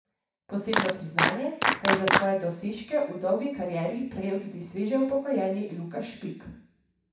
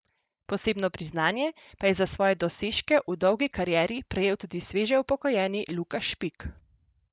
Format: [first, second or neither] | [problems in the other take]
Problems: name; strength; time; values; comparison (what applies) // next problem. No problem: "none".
second | background sound (Clapping); 3 dB above the speech // room echo; dies away in 0.6 s